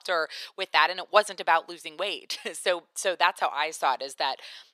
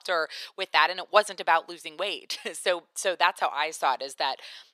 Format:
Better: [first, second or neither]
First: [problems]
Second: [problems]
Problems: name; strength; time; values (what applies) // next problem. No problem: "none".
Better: neither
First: thin; very; fading below 500 Hz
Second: thin; very; fading below 500 Hz